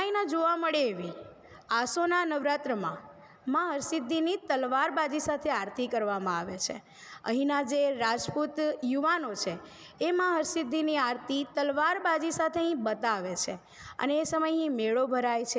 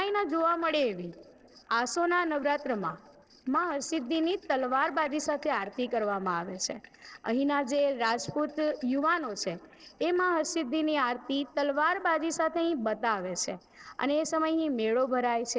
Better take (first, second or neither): first